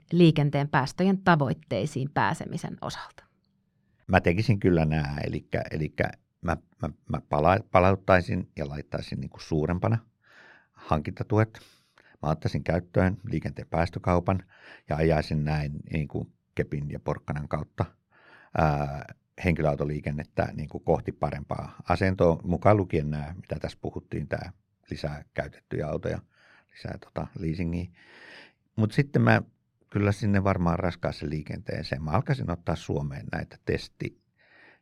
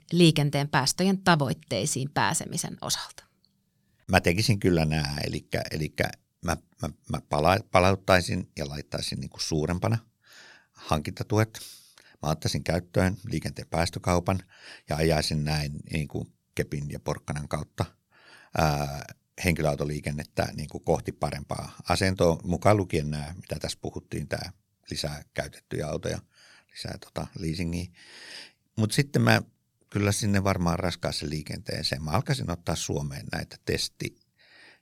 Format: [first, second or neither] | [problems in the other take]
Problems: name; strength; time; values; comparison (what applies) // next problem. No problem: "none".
second | muffled; slightly; fading above 4 kHz